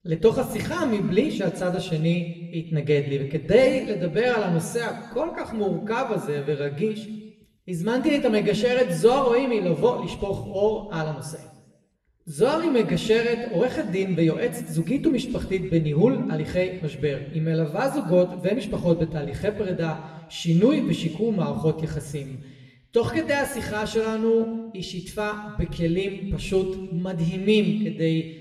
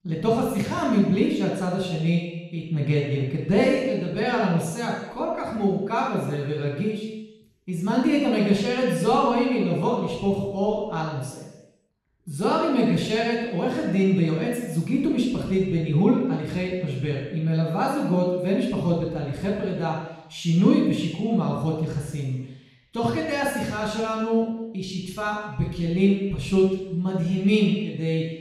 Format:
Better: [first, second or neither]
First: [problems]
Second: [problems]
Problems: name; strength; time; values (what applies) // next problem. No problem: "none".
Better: first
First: room echo; slight; dies away in 1.1 s // off-mic speech; somewhat distant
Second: room echo; strong; dies away in 0.9 s // off-mic speech; far